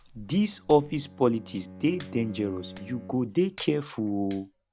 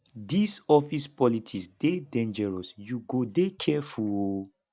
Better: second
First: background sound (Bowed string instrument + Hands); 18 dB below the speech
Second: none

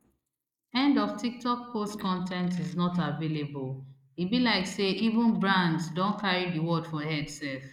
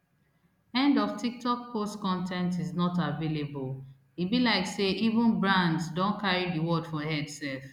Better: second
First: noise reduction (neural mask model Resemble Enhance denoiser)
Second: none

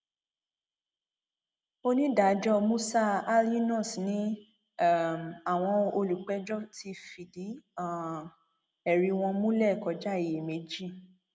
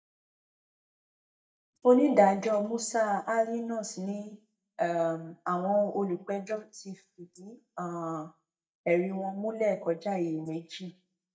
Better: first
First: none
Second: noise reduction (neural mask model DeepFilterNet 3)

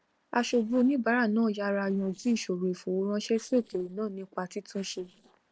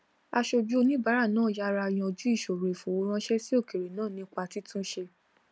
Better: second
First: noise reduction (neural separator model SepFormer DNS4)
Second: none

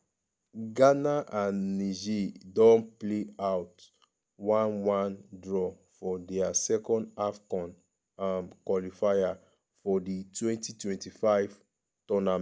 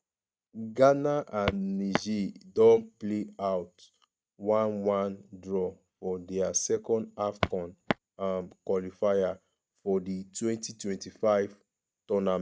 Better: first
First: none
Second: noise reduction (neural mask model RNNoise)

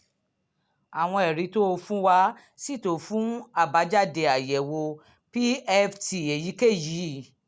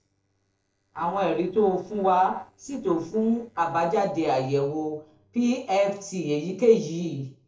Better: first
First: none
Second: noise reduction (neural separator model SepFormer DNS4)

